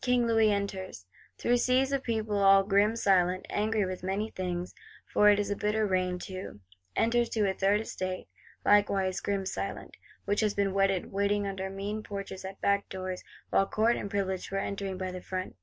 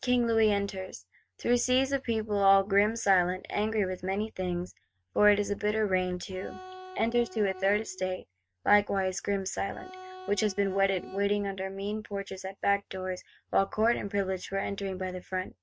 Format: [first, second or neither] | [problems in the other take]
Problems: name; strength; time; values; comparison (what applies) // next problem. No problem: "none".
first | noise reduction (neural mask model RNNoise)